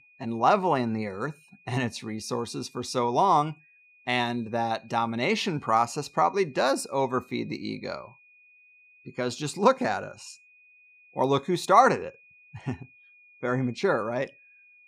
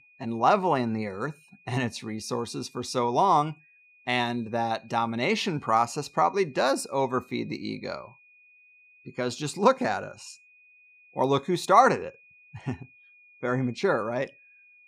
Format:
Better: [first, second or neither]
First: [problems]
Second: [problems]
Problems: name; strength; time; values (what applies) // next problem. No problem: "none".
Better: neither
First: high-pitched whine; faint; throughout; 2.5 kHz, 30 dB below the speech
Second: high-pitched whine; faint; throughout; 2.5 kHz, 30 dB below the speech